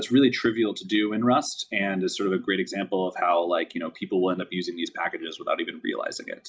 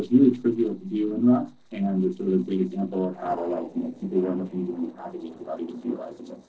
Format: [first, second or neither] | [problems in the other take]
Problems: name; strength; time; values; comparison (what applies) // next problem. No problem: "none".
first | noise reduction (neural separator model SepFormer DNS4)